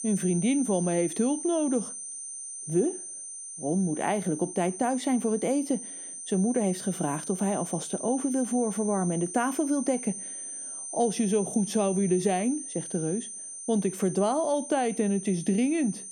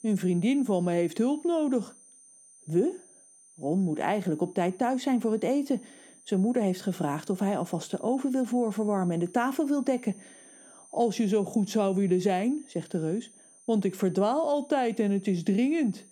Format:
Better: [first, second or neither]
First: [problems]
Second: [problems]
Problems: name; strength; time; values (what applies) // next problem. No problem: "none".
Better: second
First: high-pitched whine; loud; throughout; 9 kHz, 8 dB below the speech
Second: high-pitched whine; faint; throughout; 9 kHz, 25 dB below the speech